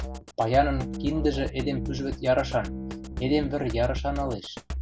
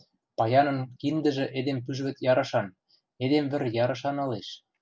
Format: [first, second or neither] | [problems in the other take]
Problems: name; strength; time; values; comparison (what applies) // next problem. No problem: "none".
second | background sound (Drum kit); 6 dB below the speech